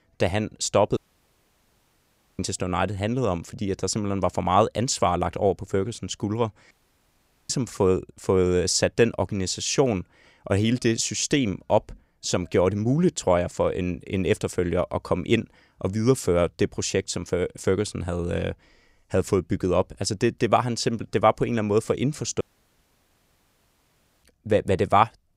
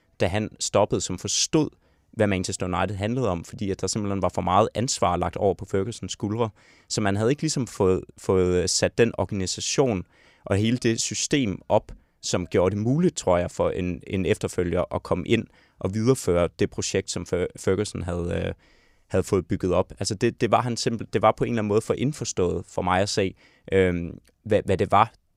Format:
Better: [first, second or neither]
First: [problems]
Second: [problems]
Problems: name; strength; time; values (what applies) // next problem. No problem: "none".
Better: second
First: audio cutting out; at 1 s for 1.5 s, at 6.5 s for 1 s and at 22 s for 2 s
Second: none